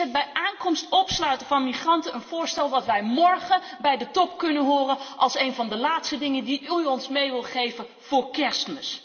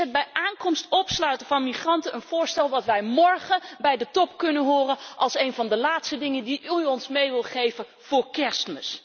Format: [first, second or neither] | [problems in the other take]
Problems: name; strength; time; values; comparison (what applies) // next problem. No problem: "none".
second | room echo; dies away in 1.3 s